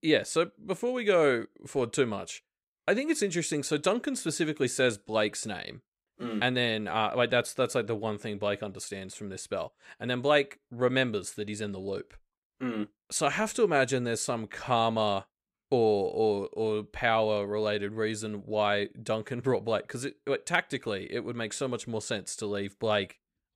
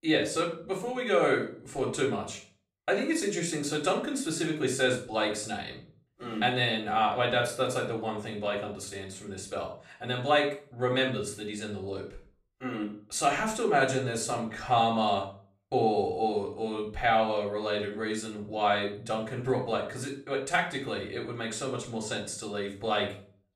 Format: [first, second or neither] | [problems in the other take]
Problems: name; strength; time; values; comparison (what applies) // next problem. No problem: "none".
first | room echo; slight; dies away in 0.4 s // off-mic speech; far